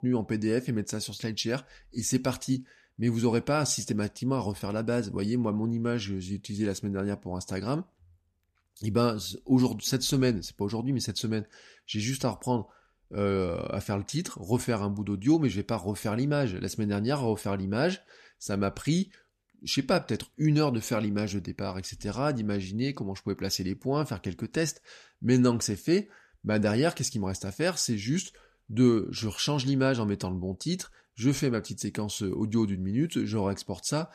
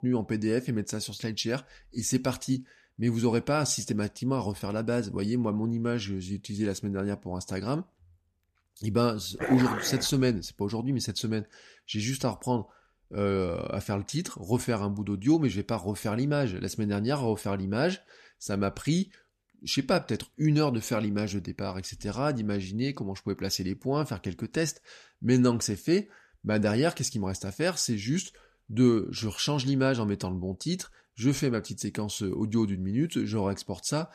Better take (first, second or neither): first